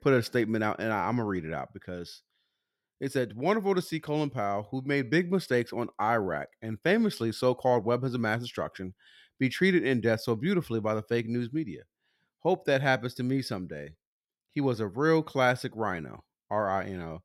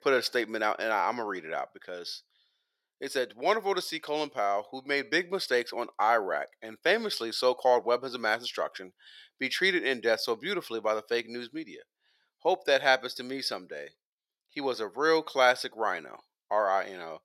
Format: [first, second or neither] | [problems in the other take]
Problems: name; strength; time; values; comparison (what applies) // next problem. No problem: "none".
first | thin; very; fading below 550 Hz